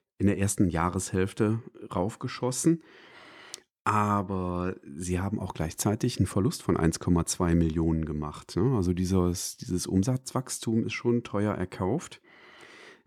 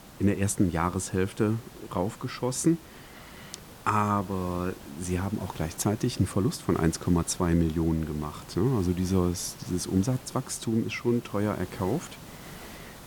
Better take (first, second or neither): first